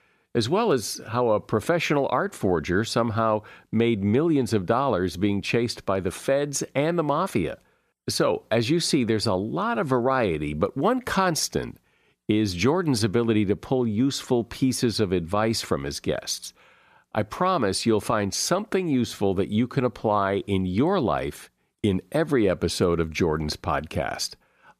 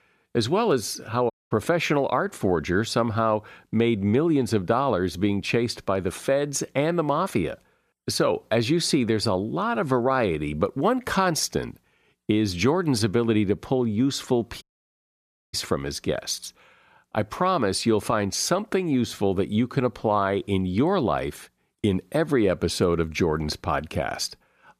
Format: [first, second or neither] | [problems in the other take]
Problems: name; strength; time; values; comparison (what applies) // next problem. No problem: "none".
first | audio cutting out; at 1.5 s and at 15 s for 1 s